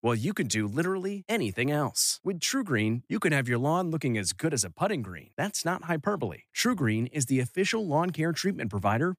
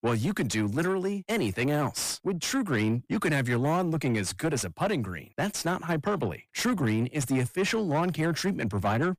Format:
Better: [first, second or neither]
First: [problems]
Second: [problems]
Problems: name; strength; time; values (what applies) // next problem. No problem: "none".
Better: first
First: none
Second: distortion; slight; 10 dB below the speech